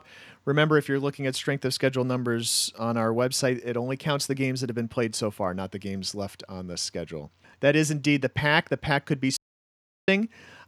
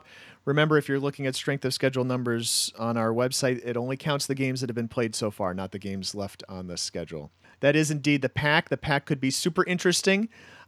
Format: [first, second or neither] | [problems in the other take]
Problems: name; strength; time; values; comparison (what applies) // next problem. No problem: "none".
second | audio cutting out; at 9.5 s for 0.5 s